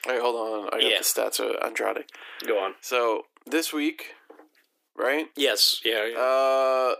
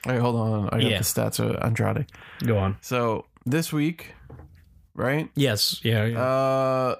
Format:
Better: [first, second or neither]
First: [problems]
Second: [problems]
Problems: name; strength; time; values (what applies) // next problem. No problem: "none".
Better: second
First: thin; very; fading below 300 Hz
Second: none